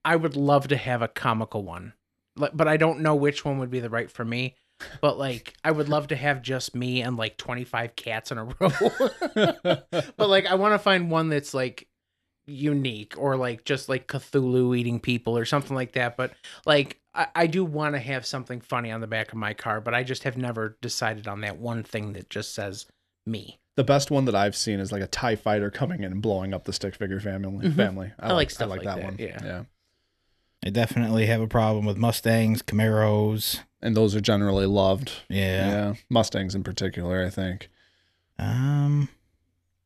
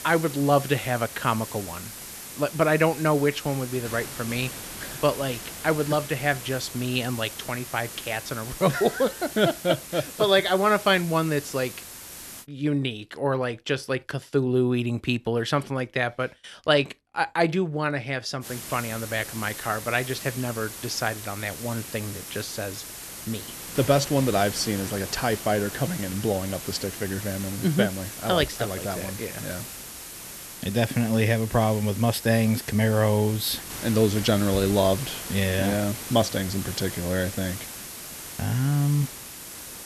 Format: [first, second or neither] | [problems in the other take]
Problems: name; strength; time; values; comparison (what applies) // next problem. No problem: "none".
first | hiss; noticeable; until 12 s and from 18 s on; 10 dB below the speech